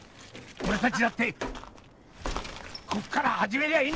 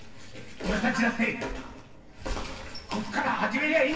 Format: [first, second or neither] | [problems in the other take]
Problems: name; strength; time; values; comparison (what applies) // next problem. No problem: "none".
first | room echo; dies away in 1 s